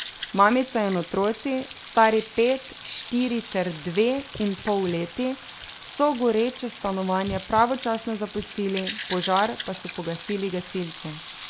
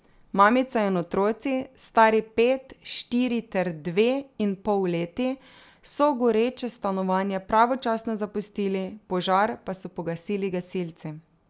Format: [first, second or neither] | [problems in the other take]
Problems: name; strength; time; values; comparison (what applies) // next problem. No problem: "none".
second | background sound (Frying (food) + Bird vocalization, bird call, bird song); 14 dB below the speech